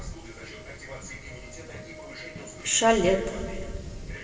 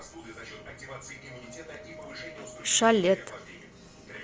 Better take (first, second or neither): second